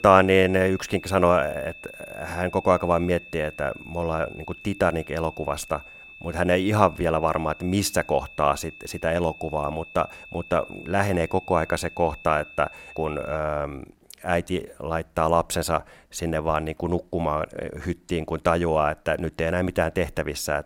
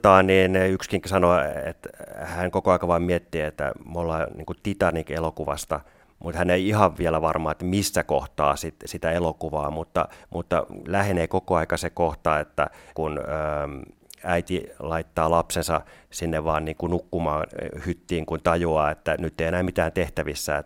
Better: second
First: high-pitched whine; noticeable; until 13 s; 2.5 kHz, 15 dB below the speech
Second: none

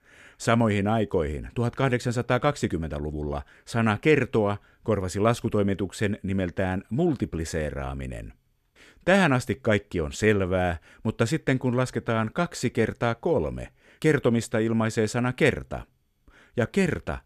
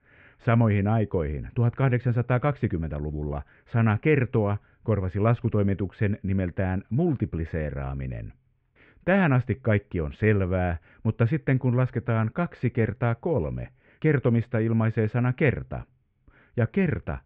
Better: first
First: none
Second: muffled; very; fading above 2.5 kHz

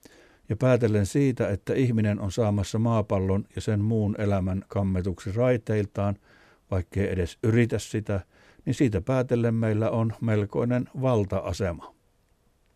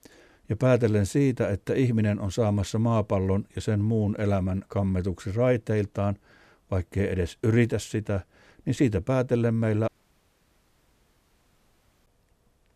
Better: first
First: none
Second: audio cutting out; at 10 s for 2 s

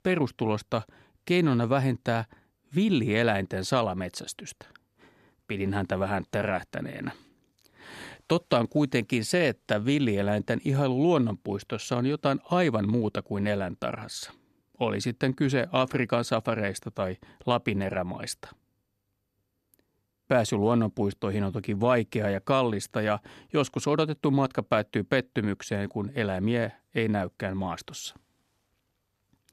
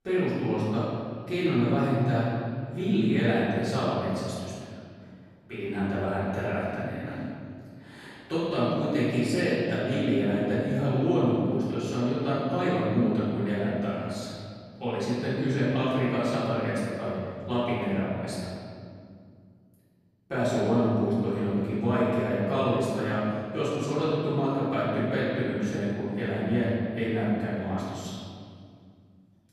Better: first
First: none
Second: off-mic speech; far // room echo; strong; dies away in 2.2 s

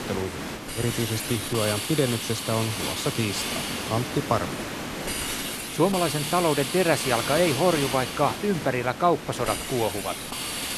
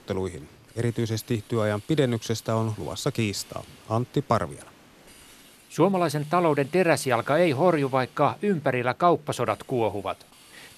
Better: second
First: hiss; loud; throughout; 4 dB below the speech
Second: hiss; faint; throughout; 25 dB below the speech

